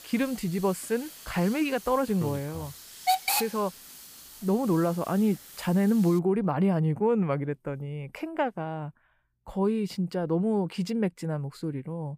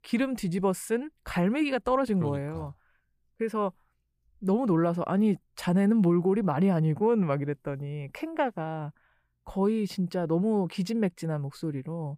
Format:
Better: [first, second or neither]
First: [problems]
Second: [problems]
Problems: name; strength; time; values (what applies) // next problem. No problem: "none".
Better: second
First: hiss; loud; until 6 s; 7 dB below the speech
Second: none